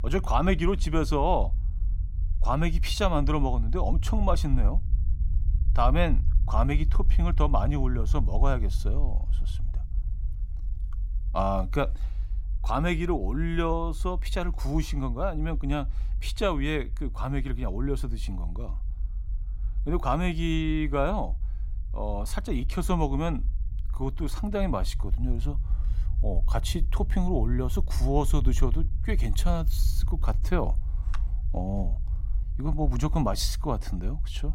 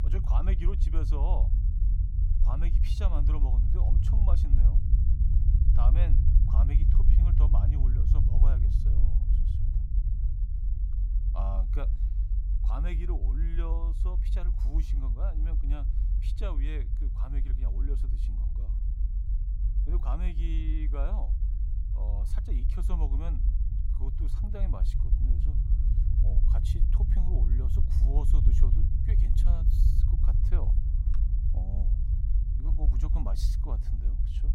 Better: first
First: low rumble; faint; throughout; 20 dB below the speech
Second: low rumble; loud; throughout; 2 dB below the speech

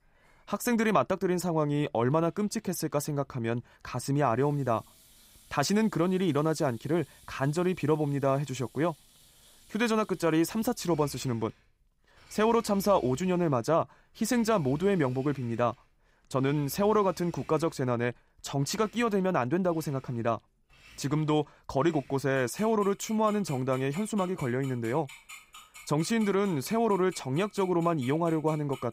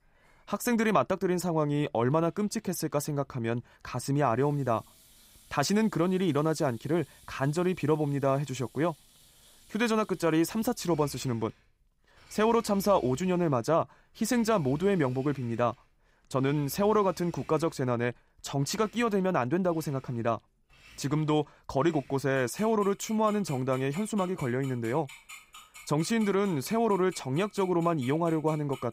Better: neither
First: household noises; faint; throughout; 25 dB below the speech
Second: household noises; faint; throughout; 25 dB below the speech

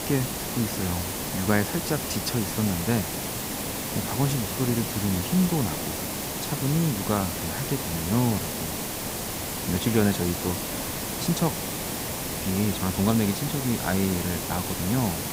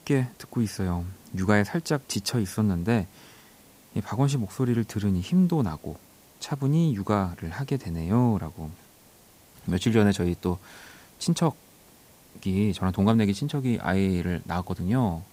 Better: second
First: hiss; loud; throughout; 2 dB below the speech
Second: hiss; faint; throughout; 25 dB below the speech

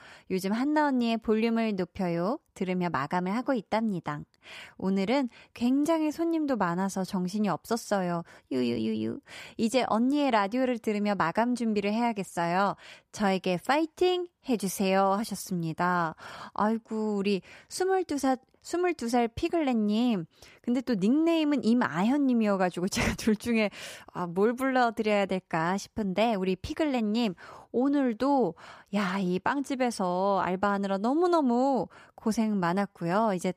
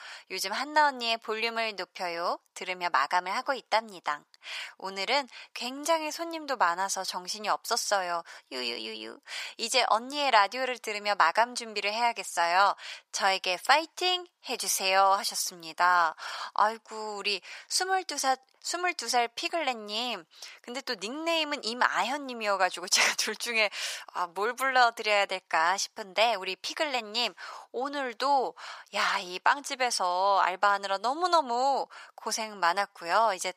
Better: first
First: none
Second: thin; very; fading below 900 Hz

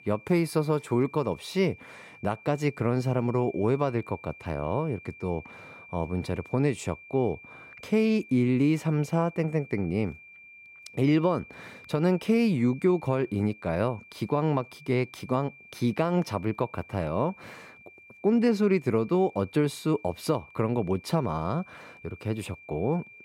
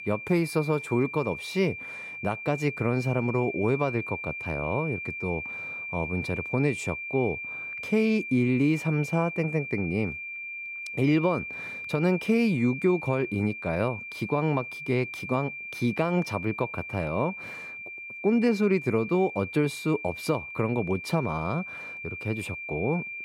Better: first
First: high-pitched whine; faint; throughout; 2.5 kHz, 20 dB below the speech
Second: high-pitched whine; loud; throughout; 2.5 kHz, 8 dB below the speech

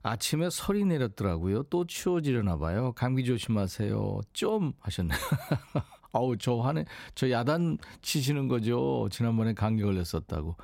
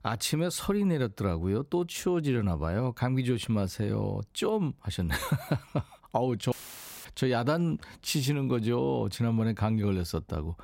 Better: first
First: none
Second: audio cutting out; filled with static; at 6.5 s for 0.5 s

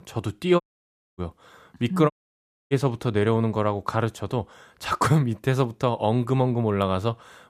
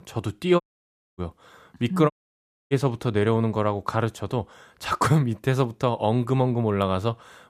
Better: neither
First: audio cutting out; at 0.5 s for 0.5 s and at 2 s for 0.5 s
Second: audio cutting out; at 0.5 s for 0.5 s and at 2 s for 0.5 s

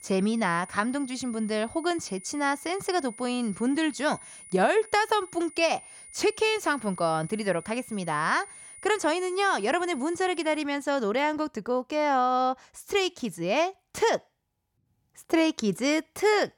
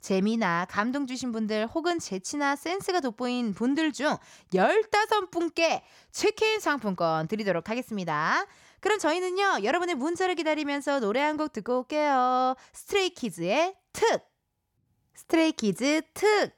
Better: second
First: high-pitched whine; noticeable; until 11 s; 9.5 kHz, 15 dB below the speech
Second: none

